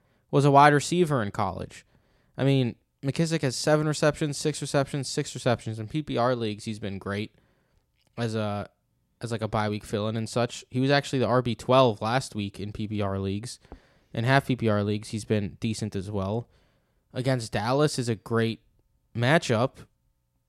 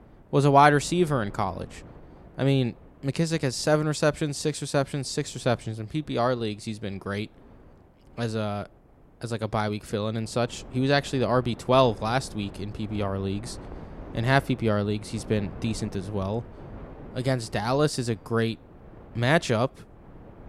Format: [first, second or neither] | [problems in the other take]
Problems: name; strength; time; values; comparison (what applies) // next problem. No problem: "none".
first | wind noise on the microphone; occasional gusts; 25 dB below the speech